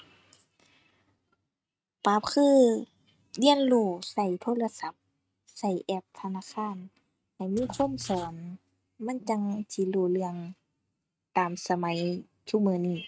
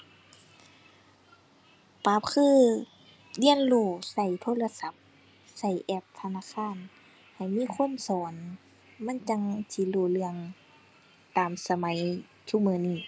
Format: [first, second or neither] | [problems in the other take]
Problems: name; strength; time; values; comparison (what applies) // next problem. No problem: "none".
second | noise reduction (neural mask model RNNoise)